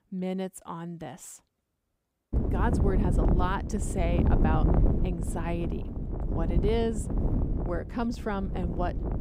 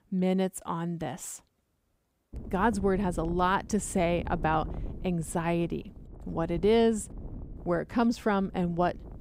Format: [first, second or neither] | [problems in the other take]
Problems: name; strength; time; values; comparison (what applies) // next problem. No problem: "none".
second | wind noise on the microphone; heavy; from 2.5 s on; 3 dB below the speech; occasional gusts in the second